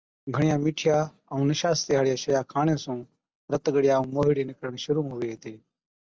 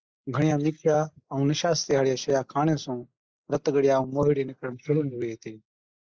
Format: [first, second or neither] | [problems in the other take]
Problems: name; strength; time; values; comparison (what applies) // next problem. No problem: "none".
first | noise reduction (neural mask model Resemble Enhance denoiser)